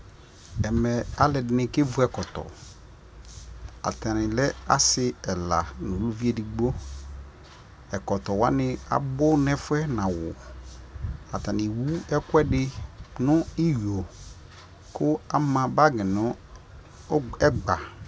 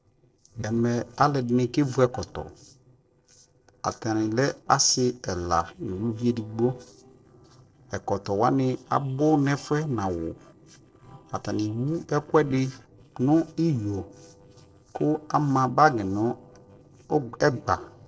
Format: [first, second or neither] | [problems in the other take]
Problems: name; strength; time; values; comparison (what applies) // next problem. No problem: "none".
first | noise reduction (neural separator model SepFormer DNS4)